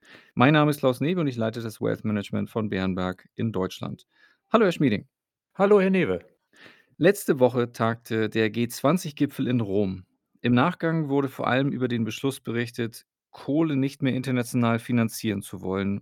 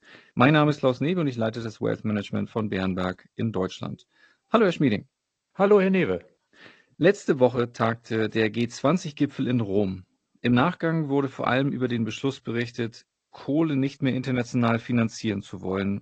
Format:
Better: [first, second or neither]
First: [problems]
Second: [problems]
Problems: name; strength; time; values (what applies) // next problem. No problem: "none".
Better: first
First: none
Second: garbled, watery; slightly; nothing above 7.5 kHz